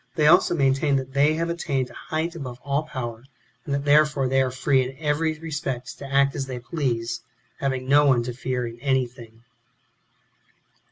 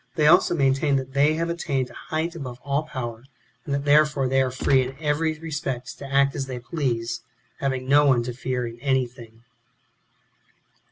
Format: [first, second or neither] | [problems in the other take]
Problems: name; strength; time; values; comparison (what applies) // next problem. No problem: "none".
first | background sound (Gunshot, gunfire); 8 dB below the speech